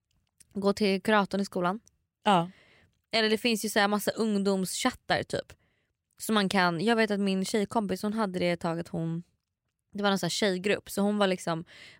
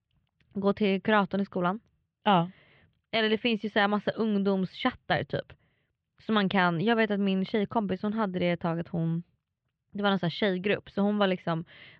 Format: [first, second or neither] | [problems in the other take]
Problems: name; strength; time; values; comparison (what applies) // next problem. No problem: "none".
first | muffled; slightly; fading above 3.5 kHz